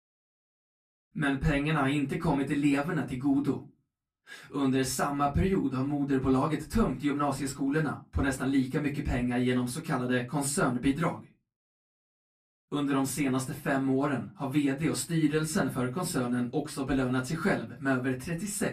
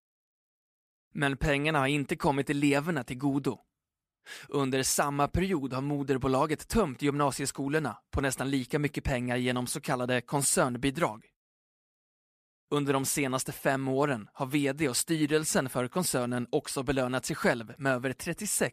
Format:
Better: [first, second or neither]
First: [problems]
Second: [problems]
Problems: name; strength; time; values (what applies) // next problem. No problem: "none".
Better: second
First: off-mic speech; far // room echo; very slight; dies away in 0.3 s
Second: none